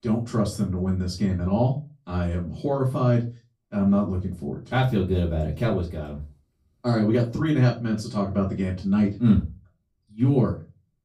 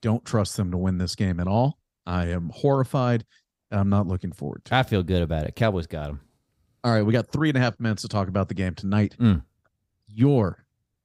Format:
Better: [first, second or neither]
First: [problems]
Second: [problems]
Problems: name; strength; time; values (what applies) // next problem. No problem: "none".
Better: second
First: off-mic speech; far // room echo; very slight; dies away in 0.3 s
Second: none